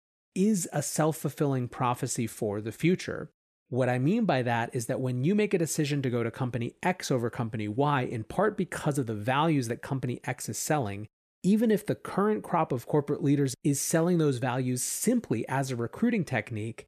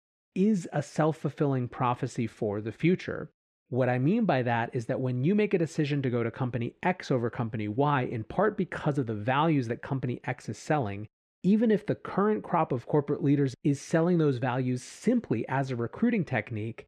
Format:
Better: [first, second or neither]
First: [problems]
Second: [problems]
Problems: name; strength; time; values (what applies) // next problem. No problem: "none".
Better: first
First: none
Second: muffled; slightly; fading above 3.5 kHz